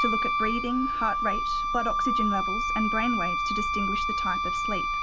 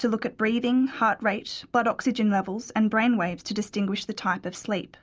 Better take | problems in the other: second | background sound (Wind instrument, woodwind instrument); 4 dB above the speech

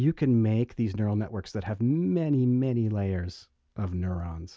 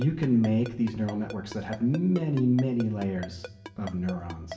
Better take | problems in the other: first | background sound (Ringtone); 17 dB below the speech // room echo; dies away in 1.1 s

